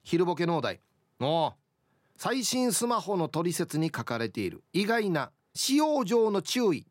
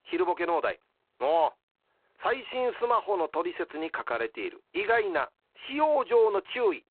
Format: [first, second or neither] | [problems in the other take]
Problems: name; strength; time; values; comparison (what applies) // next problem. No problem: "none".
first | phone-call audio; poor line